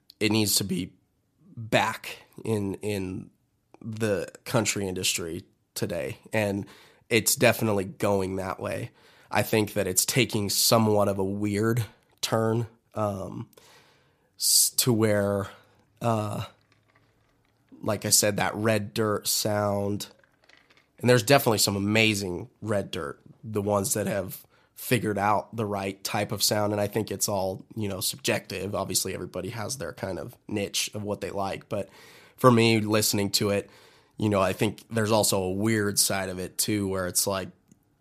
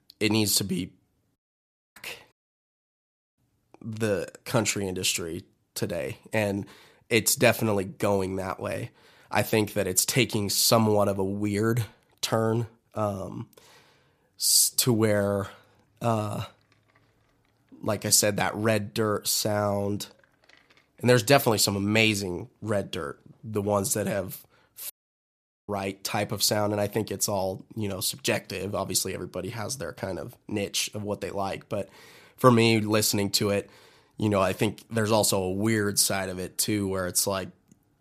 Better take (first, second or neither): first